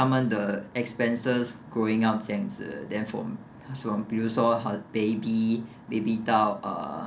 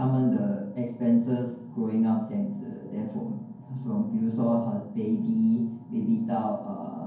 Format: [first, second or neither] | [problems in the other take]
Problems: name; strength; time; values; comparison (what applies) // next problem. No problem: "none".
first | room echo; dies away in 0.9 s